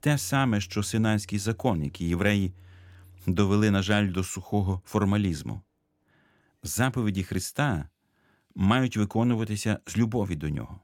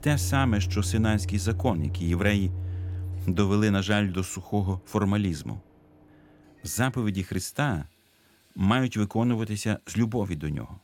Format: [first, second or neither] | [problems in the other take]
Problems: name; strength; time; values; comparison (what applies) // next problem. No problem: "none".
first | household noises; loud; throughout; 5 dB below the speech; faint in the first